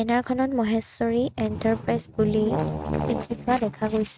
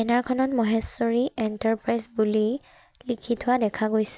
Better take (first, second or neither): second